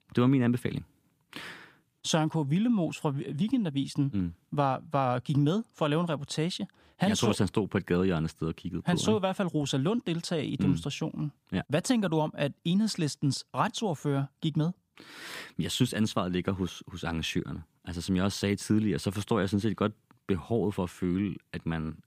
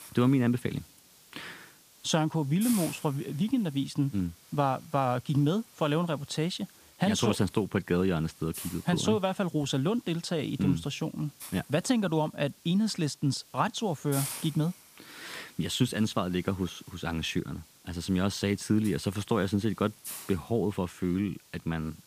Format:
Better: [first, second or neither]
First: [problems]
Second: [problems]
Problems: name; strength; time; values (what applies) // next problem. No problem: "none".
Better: first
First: none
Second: hiss; noticeable; throughout; 15 dB below the speech